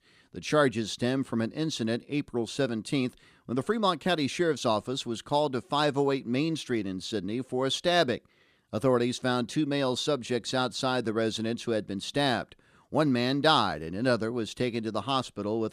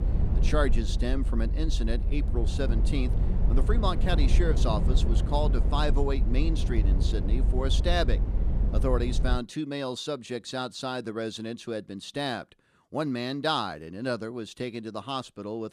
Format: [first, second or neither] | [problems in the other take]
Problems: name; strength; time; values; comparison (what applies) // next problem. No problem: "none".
first | low rumble; loud; until 9.5 s; 10 dB below the speech